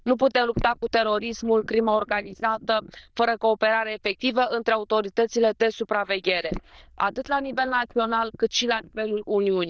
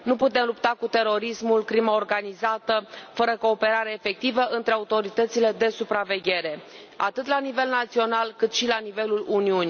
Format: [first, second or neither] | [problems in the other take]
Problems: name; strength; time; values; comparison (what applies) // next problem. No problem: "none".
second | noise reduction (neural diffusion model UNIVERSE++)